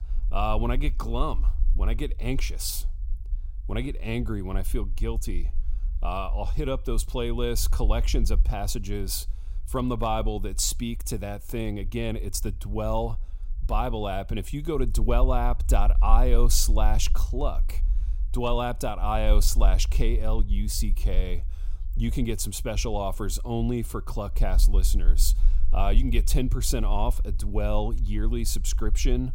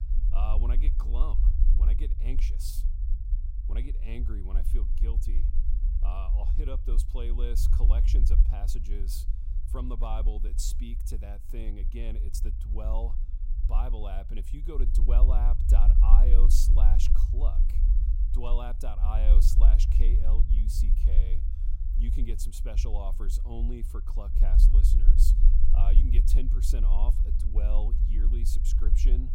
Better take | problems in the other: first | low rumble; loud; throughout; 6 dB below the speech; faint in the first

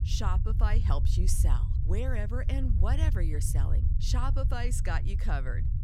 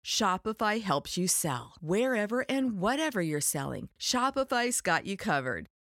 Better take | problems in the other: second | low rumble; loud; throughout; 8 dB below the speech

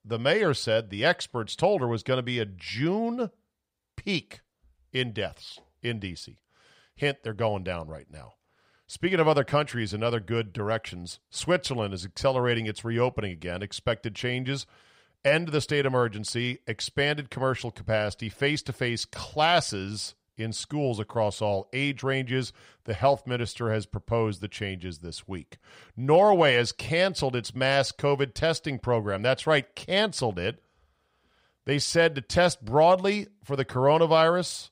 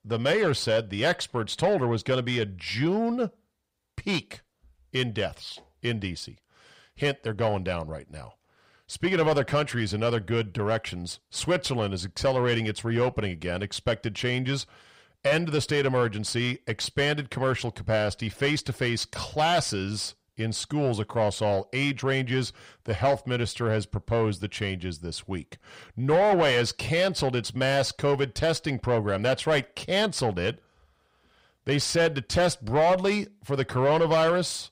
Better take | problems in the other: first | distortion; slight; 10 dB below the speech

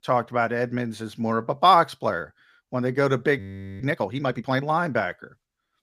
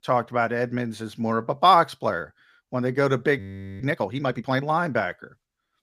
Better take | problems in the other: neither | audio freezing; at 3.5 s; the same in both

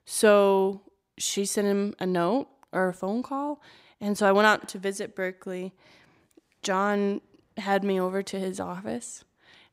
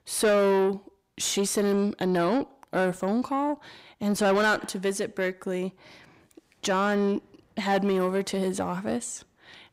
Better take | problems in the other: first | distortion; heavy; 8 dB below the speech

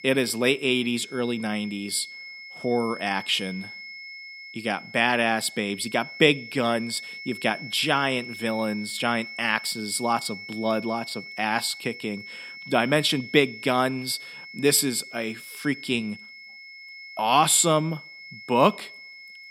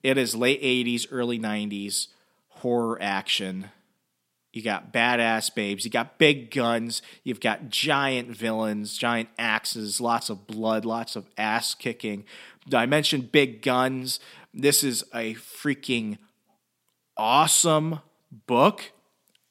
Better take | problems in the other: second | high-pitched whine; noticeable; throughout; 2 kHz, 15 dB below the speech

